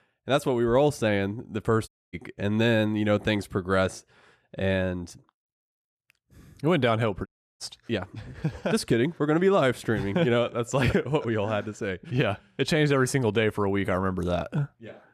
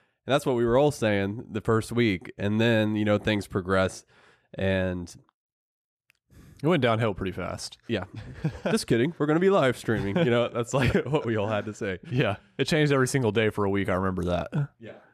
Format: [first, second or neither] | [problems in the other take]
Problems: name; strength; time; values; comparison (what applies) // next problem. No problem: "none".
second | audio cutting out; at 2 s and at 7.5 s